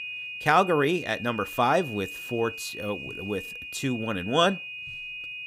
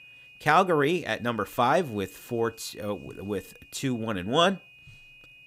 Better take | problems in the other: second | high-pitched whine; loud; throughout; 2.5 kHz, 9 dB below the speech; faint in the second

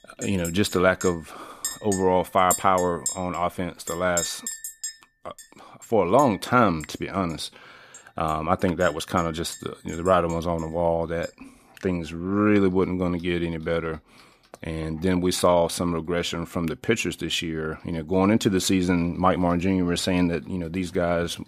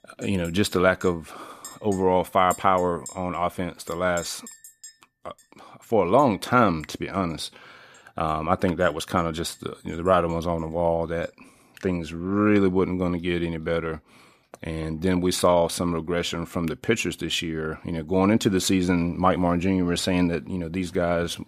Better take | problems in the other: second | household noises; loud; throughout; 10 dB below the speech; faint in the second

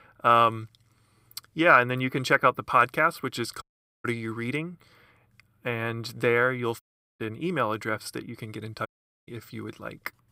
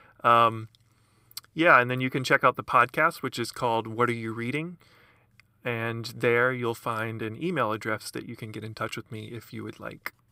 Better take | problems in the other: second | audio cutting out; at 3.5 s, at 7 s and at 9 s

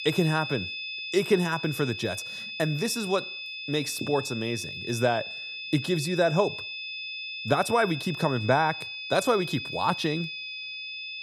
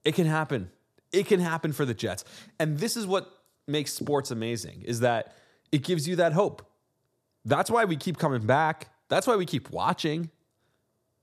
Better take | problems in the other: second | high-pitched whine; loud; throughout; 2.5 kHz, 7 dB below the speech

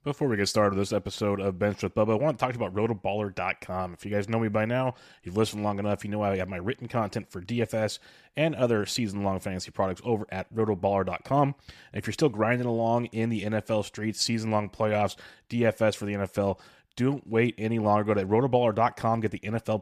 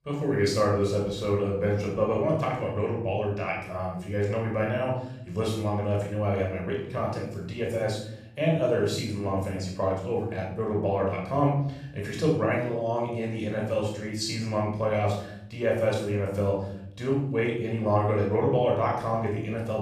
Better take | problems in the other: first | off-mic speech; far // room echo; noticeable; dies away in 0.8 s

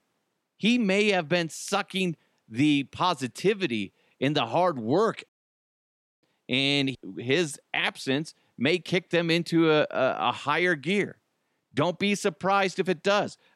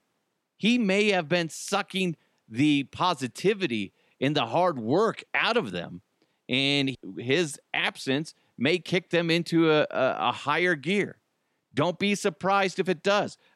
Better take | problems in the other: second | audio cutting out; at 5.5 s for 1 s

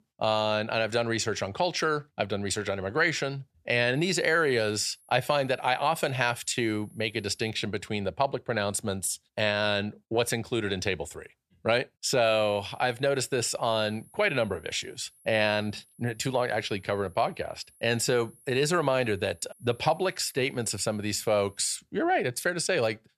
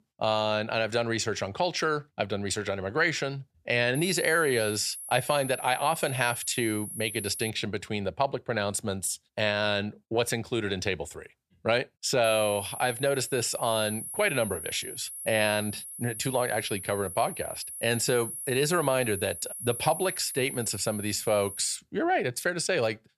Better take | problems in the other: first | high-pitched whine; loud; from 4 to 7.5 s and from 12 to 22 s; 10 kHz, 8 dB below the speech; faint in the first

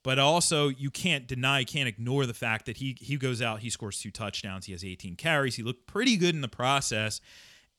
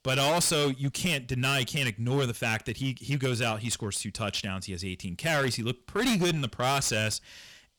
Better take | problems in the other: first | distortion; heavy; 13% of the sound clipped

